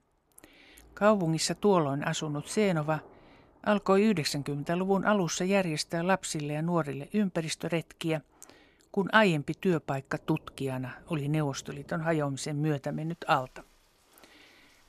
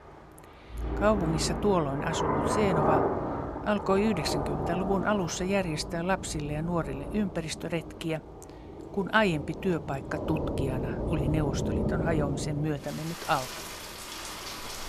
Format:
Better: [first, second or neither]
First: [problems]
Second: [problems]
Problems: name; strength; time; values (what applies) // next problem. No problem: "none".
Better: first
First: rain or running water; faint; throughout; 30 dB below the speech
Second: rain or running water; loud; throughout; 3 dB below the speech